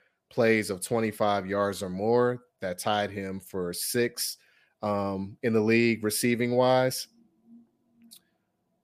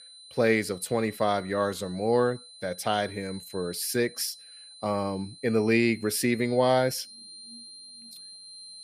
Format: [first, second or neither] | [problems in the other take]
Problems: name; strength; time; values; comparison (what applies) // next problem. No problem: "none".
first | high-pitched whine; noticeable; throughout; 4 kHz, 20 dB below the speech